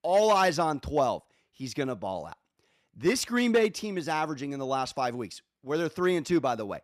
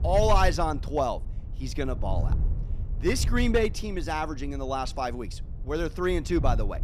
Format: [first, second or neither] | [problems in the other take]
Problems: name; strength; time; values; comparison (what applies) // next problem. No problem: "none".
first | wind noise on the microphone; occasional gusts; 20 dB below the speech